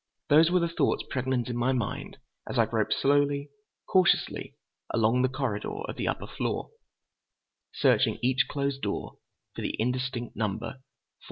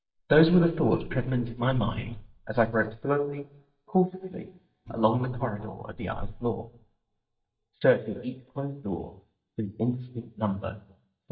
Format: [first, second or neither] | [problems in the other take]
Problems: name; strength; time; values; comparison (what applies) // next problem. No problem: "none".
first | noise reduction (neural mask model DeepFilterNet 3)